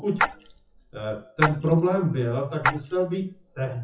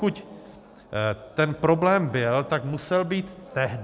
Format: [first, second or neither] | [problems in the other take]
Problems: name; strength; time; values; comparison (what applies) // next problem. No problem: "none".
second | noise reduction (classical method WPE with log-MMSE)